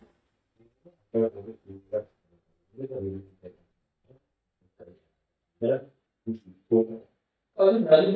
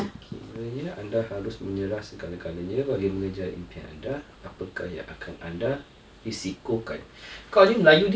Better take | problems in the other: second | noise reduction (neural mask model DeepFilterNet 3)

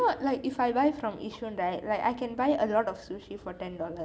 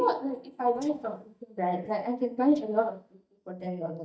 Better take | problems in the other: first | noise reduction (neural mask model DeepFilterNet 3)

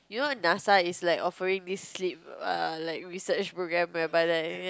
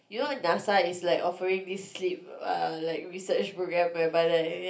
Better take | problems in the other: first | room echo; dies away in 0.3 s

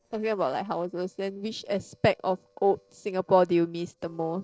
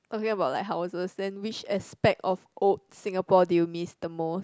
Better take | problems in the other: second | noise reduction (neural separator model SepFormer DNS4)

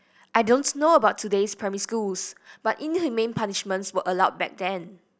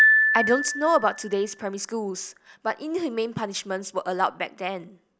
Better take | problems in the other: first | background sound (Piano); as loud as the speech

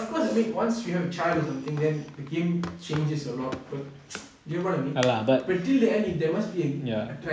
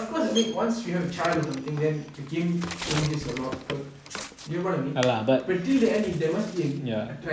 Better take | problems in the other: first | background sound (Bird); 14 dB below the speech

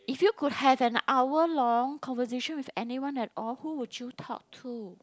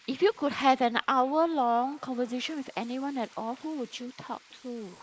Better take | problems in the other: first | noise reduction (neural mask model Resemble Enhance denoiser)

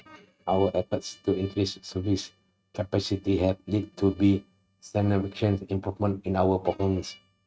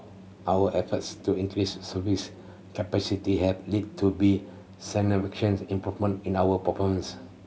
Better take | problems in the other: second | noise reduction (neural mask model RNNoise)

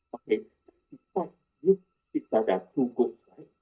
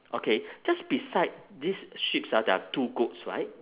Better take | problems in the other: second | noise reduction (neural mask model DeepFilterNet 3)

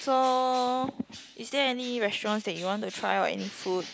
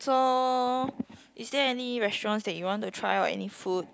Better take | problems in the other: second | background sound (Bird); 19 dB below the speech

